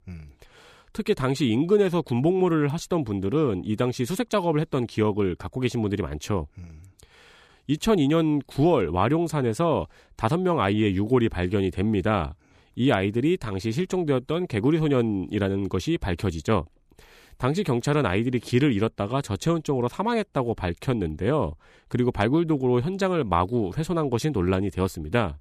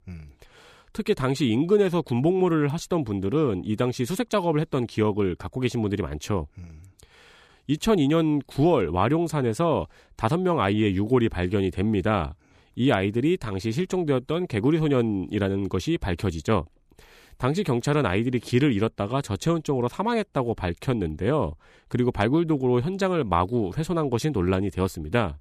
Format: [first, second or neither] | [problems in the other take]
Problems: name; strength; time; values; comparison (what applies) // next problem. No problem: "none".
neither | none